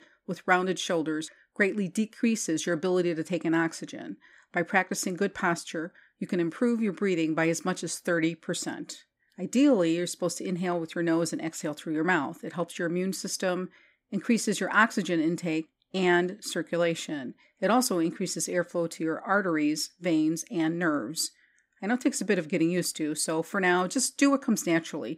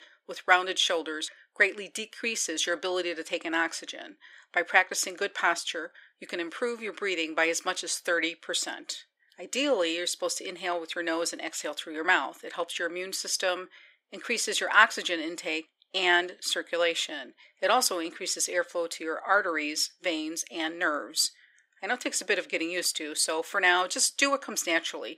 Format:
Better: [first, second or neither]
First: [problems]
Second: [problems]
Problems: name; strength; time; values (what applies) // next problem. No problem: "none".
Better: first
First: none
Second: thin; very; fading below 450 Hz